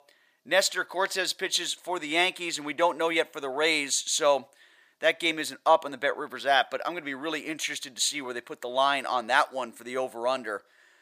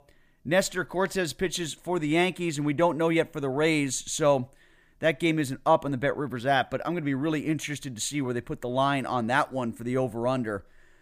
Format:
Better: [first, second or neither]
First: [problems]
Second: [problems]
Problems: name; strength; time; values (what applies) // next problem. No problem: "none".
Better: second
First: thin; somewhat; fading below 550 Hz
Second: none